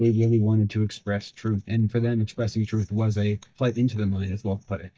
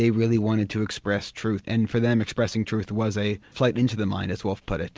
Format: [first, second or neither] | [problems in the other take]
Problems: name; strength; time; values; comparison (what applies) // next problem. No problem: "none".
second | noise reduction (neural mask model DeepFilterNet 3)